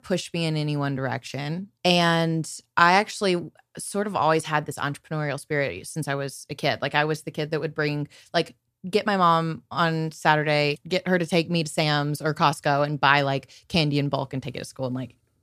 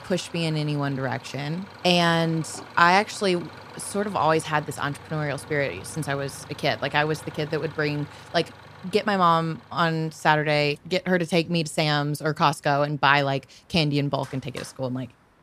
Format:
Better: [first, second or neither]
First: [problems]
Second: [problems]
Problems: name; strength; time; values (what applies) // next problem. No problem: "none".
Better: first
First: none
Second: traffic noise; noticeable; throughout; 20 dB below the speech